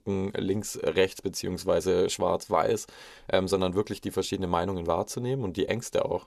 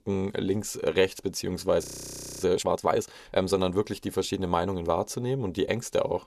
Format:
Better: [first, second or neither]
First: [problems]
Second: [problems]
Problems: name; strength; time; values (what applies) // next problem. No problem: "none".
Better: first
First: none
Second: audio freezing; at 2 s for 0.5 s